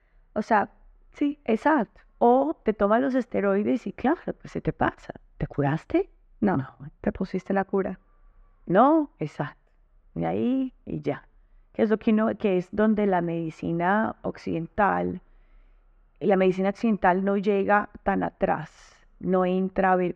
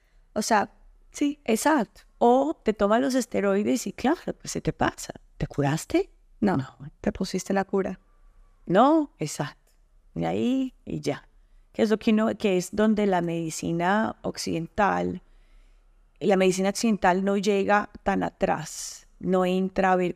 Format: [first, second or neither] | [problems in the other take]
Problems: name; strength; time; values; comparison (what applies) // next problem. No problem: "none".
second | muffled; very; fading above 2 kHz